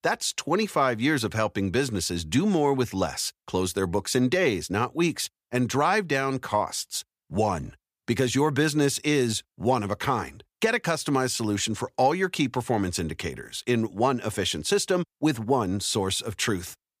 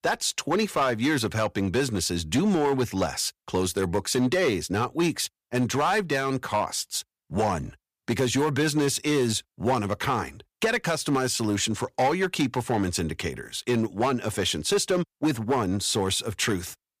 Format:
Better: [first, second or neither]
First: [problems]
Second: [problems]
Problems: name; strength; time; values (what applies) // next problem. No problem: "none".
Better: first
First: none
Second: distortion; slight; 6% of the sound clipped